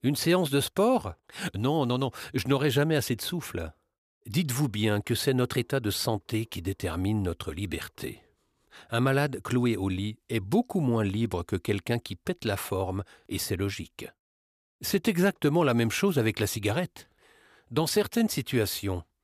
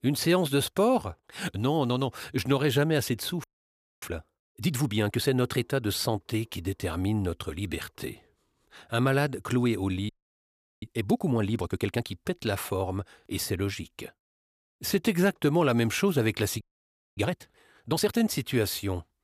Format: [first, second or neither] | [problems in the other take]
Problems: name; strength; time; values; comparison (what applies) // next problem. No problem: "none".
first | audio freezing; at 3.5 s for 0.5 s, at 10 s for 0.5 s and at 17 s for 0.5 s